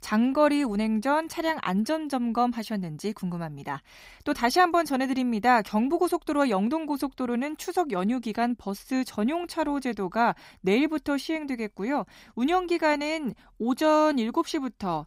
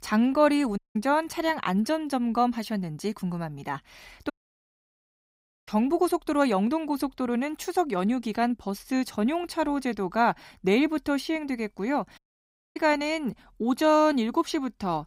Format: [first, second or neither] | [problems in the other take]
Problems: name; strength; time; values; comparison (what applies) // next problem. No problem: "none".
first | audio cutting out; at 1 s, at 4.5 s for 1.5 s and at 12 s for 0.5 s